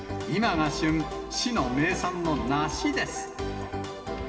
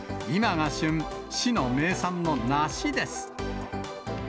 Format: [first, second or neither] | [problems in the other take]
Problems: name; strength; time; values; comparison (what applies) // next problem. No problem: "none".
second | room echo; dies away in 1.9 s